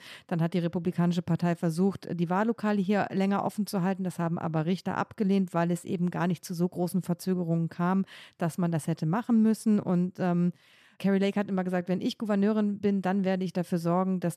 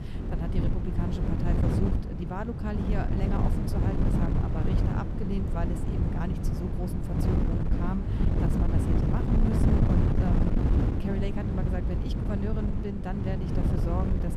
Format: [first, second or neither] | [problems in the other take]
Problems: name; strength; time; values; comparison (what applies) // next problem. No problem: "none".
first | wind noise on the microphone; heavy; 2 dB above the speech